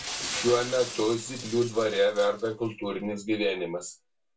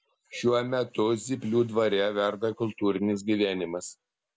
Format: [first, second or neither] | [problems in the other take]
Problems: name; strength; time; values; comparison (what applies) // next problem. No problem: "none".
second | background sound (Shatter); 12 dB below the speech // room echo; dies away in 0.2 s